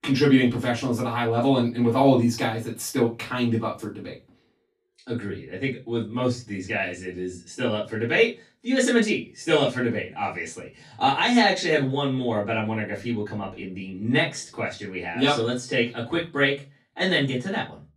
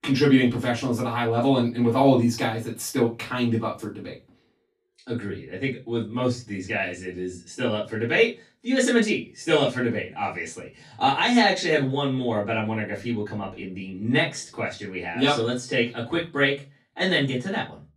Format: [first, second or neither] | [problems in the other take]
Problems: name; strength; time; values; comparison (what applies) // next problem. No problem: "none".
neither | off-mic speech; far; the same in both // room echo; very slight; dies away in 0.2 s; the same in both